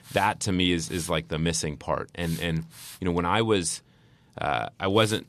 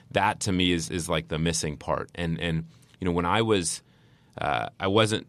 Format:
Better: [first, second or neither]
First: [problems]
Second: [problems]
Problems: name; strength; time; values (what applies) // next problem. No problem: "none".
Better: second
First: hiss; noticeable; throughout; 15 dB below the speech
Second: none